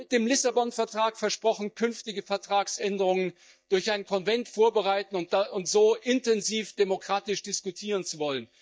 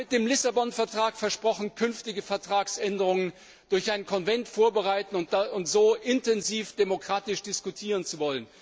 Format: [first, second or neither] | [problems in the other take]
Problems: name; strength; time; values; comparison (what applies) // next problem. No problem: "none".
second | noise reduction (neural mask model DeepFilterNet 3)